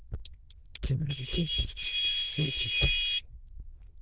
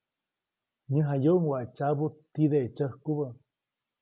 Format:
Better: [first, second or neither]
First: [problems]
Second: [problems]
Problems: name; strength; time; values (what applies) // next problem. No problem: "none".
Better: second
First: noise reduction (neural diffusion model UNIVERSE++)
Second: none